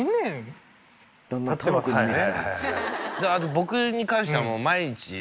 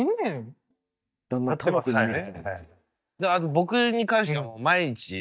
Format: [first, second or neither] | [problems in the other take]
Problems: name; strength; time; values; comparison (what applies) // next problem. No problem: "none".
first | noise reduction (neural mask model DeepFilterNet 3)